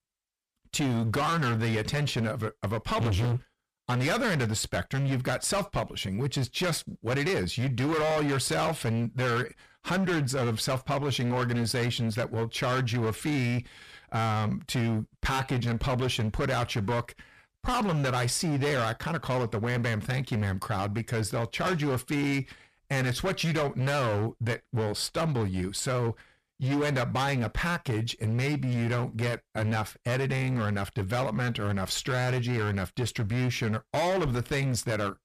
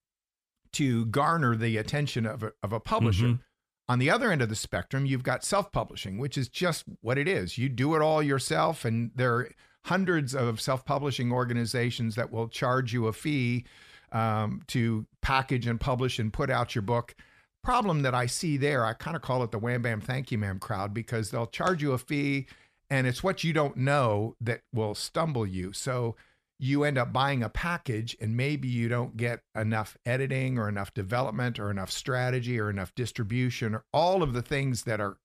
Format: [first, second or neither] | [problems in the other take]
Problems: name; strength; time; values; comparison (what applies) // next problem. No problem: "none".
second | distortion; heavy; 22% of the sound clipped